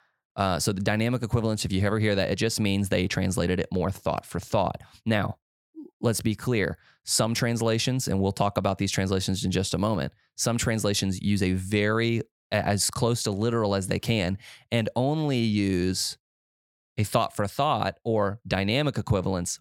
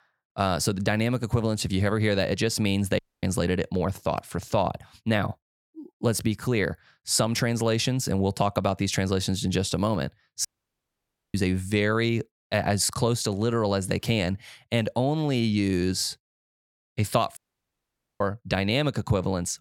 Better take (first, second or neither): first